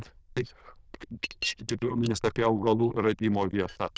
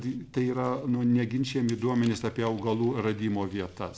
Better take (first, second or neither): second